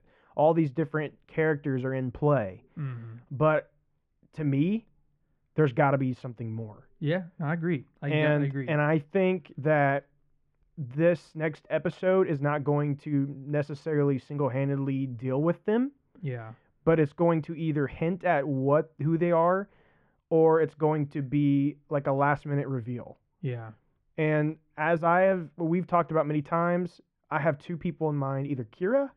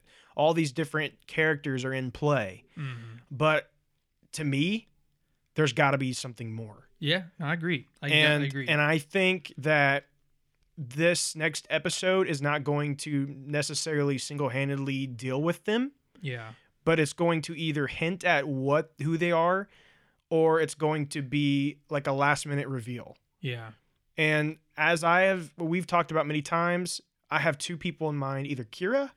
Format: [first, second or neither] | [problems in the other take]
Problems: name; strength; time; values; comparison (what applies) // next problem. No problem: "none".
second | muffled; very; fading above 3 kHz